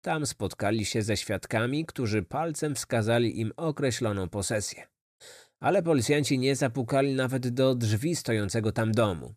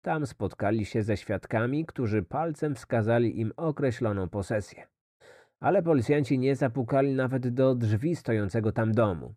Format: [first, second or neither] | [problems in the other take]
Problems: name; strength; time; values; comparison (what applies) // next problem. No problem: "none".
first | muffled; very; fading above 3 kHz